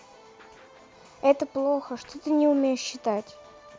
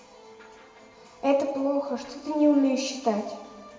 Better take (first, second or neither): first